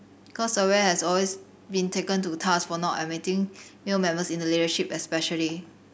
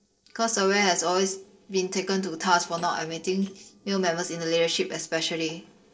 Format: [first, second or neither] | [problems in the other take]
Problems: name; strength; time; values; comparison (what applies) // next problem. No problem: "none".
first | noise reduction (neural separator model SepFormer DNS4)